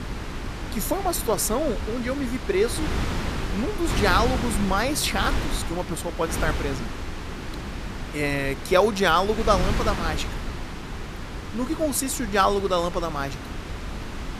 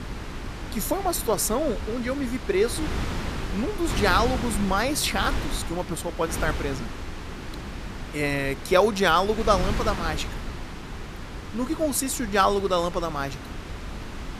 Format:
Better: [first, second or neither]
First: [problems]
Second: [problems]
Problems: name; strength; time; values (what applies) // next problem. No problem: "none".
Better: second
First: wind noise on the microphone; heavy; 9 dB below the speech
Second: wind noise on the microphone; occasional gusts; 10 dB below the speech